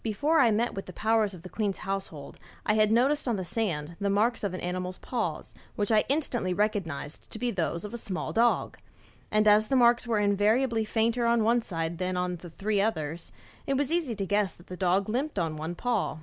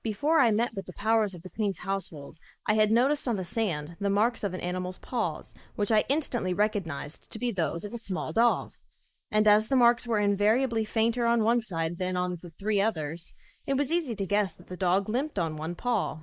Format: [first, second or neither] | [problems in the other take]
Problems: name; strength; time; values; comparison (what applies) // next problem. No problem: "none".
first | noise reduction (neural mask model Resemble Enhance denoiser)